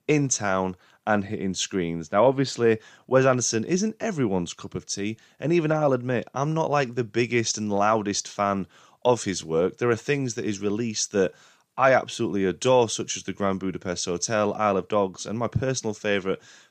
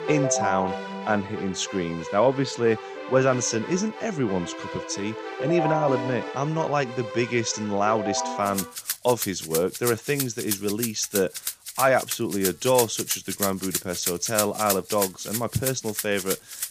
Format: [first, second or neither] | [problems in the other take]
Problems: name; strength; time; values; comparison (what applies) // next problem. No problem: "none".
first | background music; loud; throughout; 5 dB below the speech